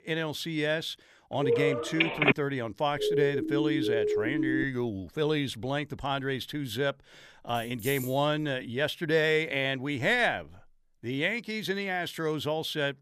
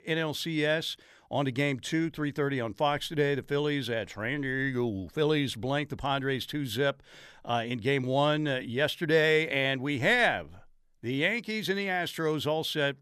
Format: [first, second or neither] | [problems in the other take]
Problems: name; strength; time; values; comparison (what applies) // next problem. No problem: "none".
second | phone ringing; loud; at 1.5 s; peak 6 dB above the speech // siren; loud; from 3 to 4.5 s; peak 2 dB above the speech // jangling keys; noticeable; at 7.5 s; peak 9 dB below the speech